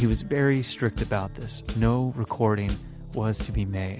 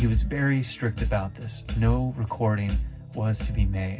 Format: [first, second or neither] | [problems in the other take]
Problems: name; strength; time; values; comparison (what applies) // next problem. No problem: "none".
first | room echo; dies away in 0.4 s